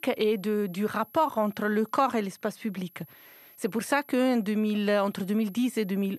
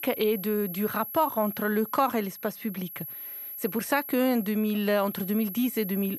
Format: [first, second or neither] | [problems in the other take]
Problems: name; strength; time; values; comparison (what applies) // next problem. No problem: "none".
first | high-pitched whine; loud; throughout; 11.5 kHz, 9 dB below the speech; faint in the first